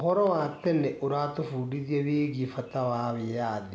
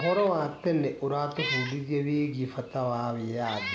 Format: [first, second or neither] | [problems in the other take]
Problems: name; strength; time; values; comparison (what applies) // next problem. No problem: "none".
first | background sound (Meow); 10 dB below the speech